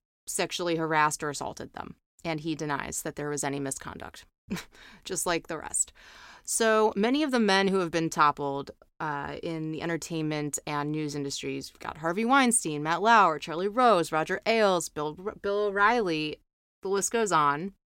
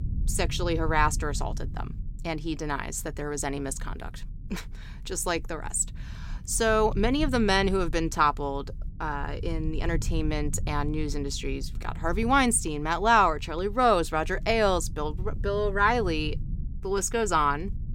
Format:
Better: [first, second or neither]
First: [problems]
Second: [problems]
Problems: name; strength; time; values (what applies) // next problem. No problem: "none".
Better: first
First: none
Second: low rumble; faint; throughout; 25 dB below the speech